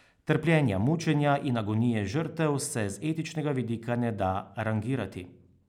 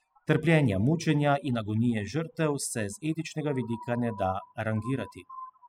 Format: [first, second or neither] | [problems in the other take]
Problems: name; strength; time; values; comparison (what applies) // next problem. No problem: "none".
first | noise reduction (classical method spectral subtraction)